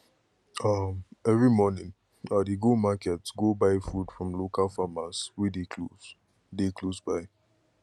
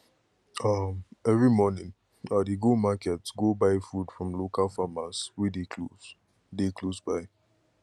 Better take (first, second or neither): second